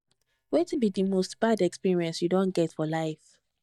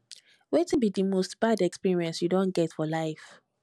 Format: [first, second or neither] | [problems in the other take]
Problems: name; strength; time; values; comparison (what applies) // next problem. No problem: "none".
second | noise reduction (neural mask model DeepFilterNet 3)